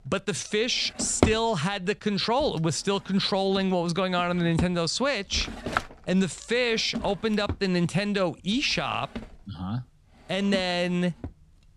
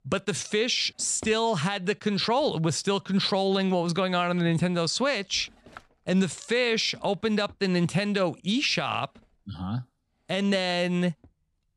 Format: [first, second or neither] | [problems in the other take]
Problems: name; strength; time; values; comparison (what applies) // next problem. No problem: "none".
second | household noises; loud; throughout; 9 dB below the speech; faint in the second